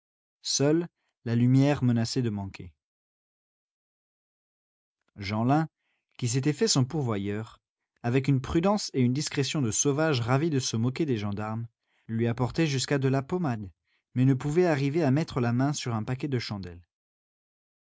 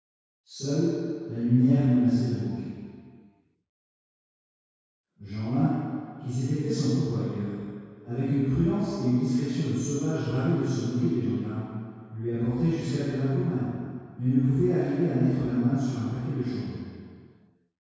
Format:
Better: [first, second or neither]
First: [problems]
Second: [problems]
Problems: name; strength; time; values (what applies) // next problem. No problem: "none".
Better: first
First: none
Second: room echo; dies away in 2 s